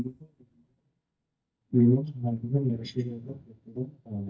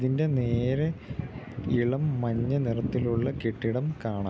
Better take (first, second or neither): second